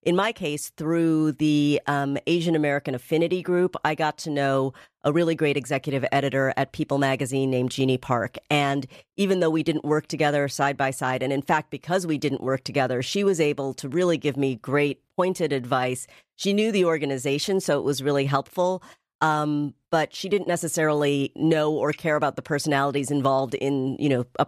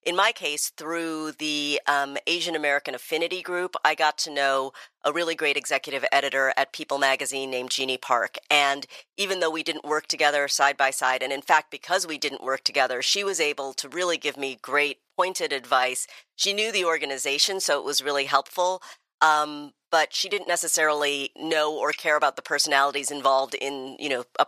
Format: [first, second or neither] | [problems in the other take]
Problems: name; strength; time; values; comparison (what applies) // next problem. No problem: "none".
first | thin; very; fading below 750 Hz